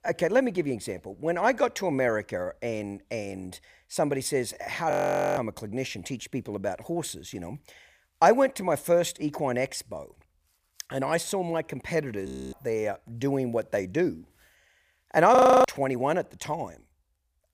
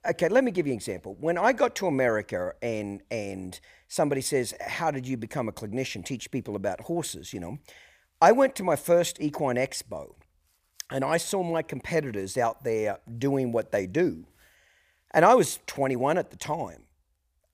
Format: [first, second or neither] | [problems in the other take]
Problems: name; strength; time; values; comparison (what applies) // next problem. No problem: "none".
second | audio freezing; at 5 s, at 12 s and at 15 s